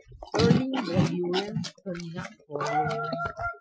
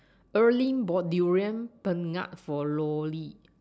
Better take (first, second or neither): second